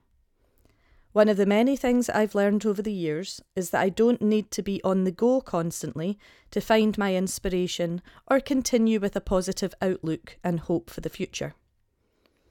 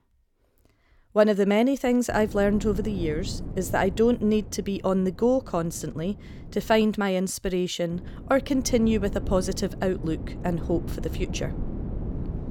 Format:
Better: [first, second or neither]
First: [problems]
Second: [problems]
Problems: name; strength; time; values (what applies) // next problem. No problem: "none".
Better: first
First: none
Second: wind noise on the microphone; occasional gusts; from 2 to 7 s and from 8 s on; 15 dB below the speech